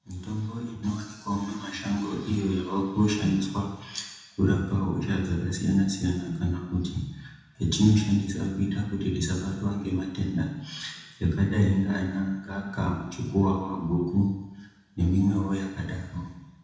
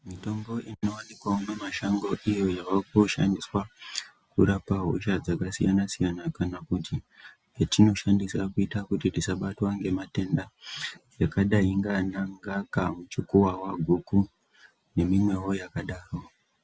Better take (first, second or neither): second